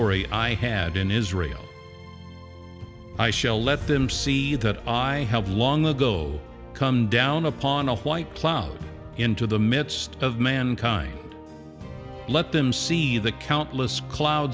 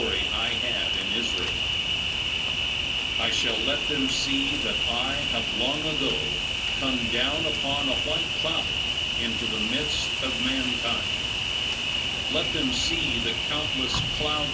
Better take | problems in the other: first | background sound (Cricket); 5 dB above the speech // room echo; dies away in 0.3 s

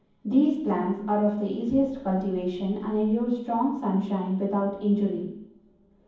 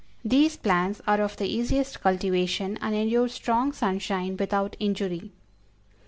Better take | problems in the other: second | room echo; dies away in 1.2 s

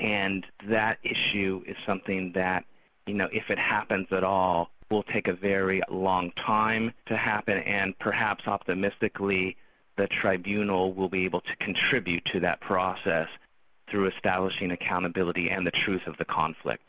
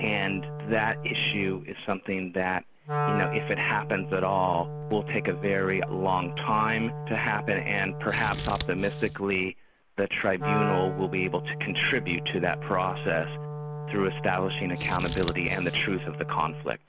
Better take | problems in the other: first | background sound (Wind instrument, woodwind instrument + Scissors); 6 dB below the speech

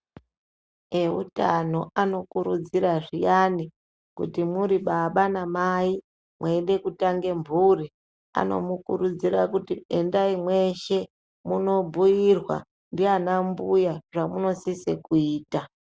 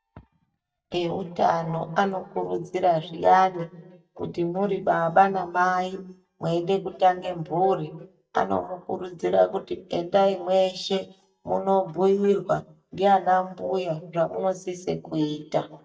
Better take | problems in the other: first | noise reduction (neural mask model DeepFilterNet 3)

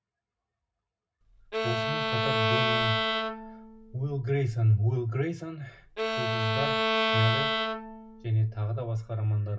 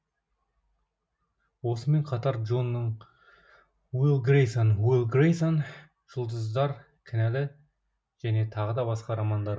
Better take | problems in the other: second | background sound (Bowed string instrument); as loud as the speech // room echo; dies away in 0.4 s

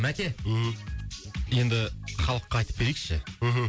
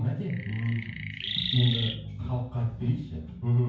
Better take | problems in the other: first | background sound (Chirp, tweet); 6 dB below the speech // room echo; dies away in 0.9 s

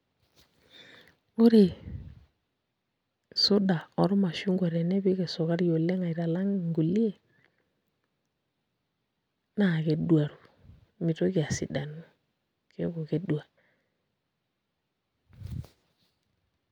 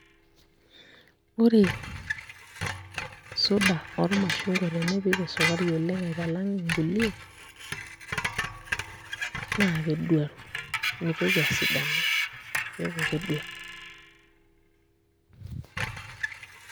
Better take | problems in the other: first | background sound (Screech); 4 dB below the speech

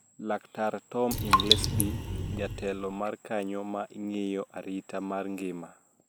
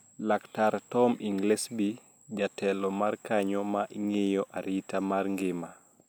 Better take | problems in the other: second | background sound (Raindrop); 5 dB above the speech

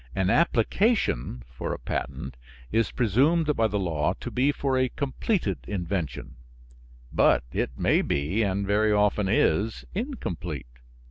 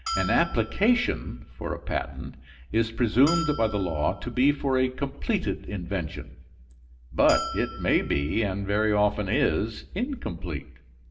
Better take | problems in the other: first | background sound (Bell); 12 dB below the speech // room echo; dies away in 0.5 s

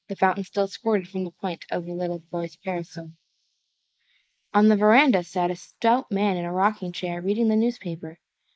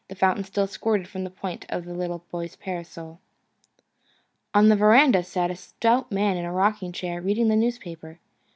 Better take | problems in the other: second | noise reduction (neural mask model Resemble Enhance denoiser)

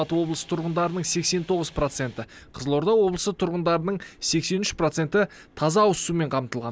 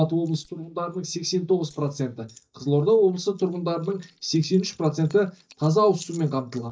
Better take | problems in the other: first | noise reduction (neural mask model DeepFilterNet 3)

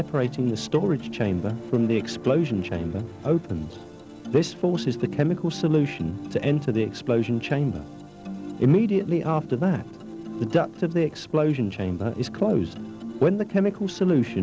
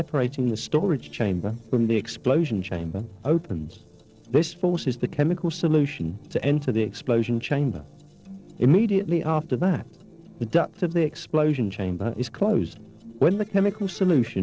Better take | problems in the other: first | noise reduction (neural separator model SepFormer DNS4)

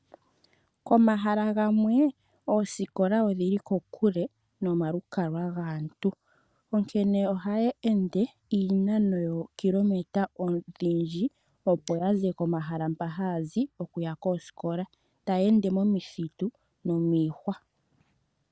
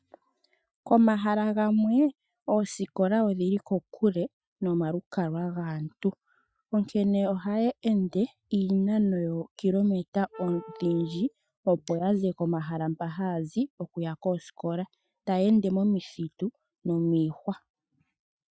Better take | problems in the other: first | noise reduction (classical method Wiener filter)

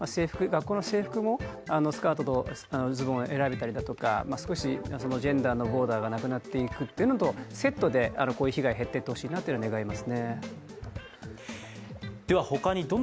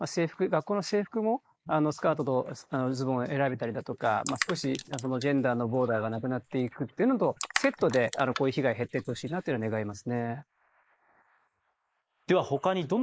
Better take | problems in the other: first | noise reduction (neural mask model Resemble Enhance denoiser)

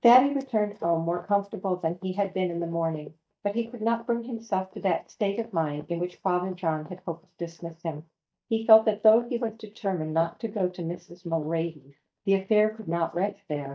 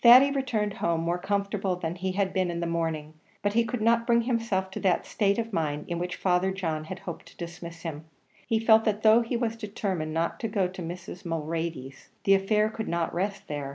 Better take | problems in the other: second | noise reduction (neural mask model DeepFilterNet 3)

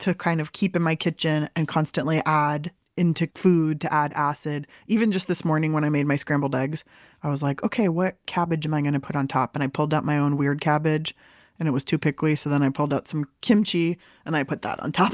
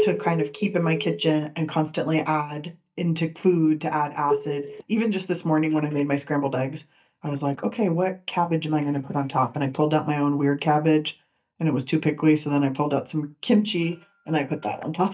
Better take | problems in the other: first | noise reduction (neural mask model DeepFilterNet 3)

